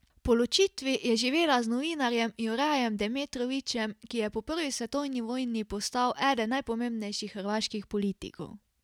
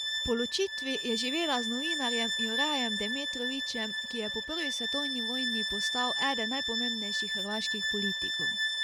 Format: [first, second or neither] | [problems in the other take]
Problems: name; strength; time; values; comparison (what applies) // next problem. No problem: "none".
first | background sound (Bowed string instrument); 2 dB above the speech